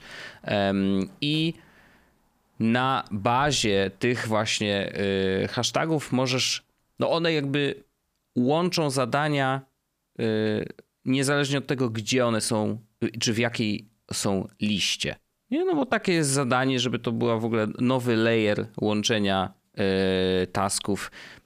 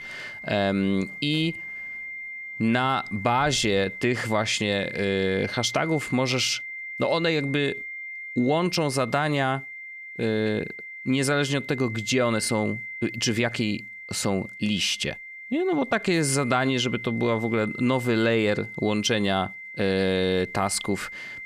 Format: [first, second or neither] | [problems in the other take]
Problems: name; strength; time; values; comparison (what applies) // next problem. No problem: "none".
first | high-pitched whine; noticeable; throughout; 2 kHz, 10 dB below the speech